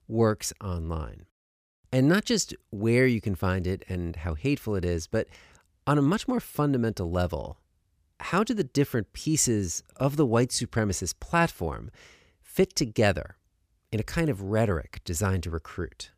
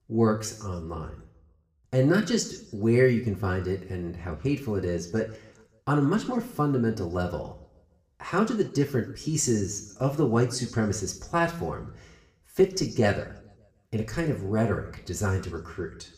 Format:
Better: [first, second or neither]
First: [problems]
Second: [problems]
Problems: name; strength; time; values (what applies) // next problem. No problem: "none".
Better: first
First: none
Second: room echo; slight; dies away in 0.6 s // off-mic speech; somewhat distant